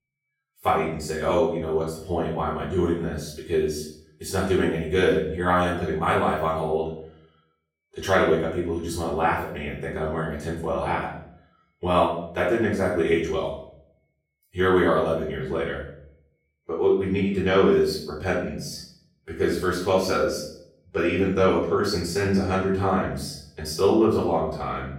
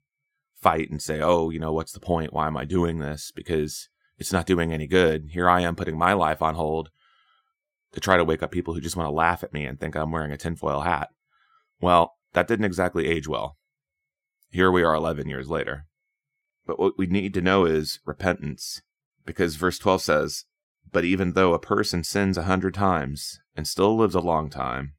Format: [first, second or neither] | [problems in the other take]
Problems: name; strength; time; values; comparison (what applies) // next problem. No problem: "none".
second | off-mic speech; far // room echo; noticeable; dies away in 0.6 s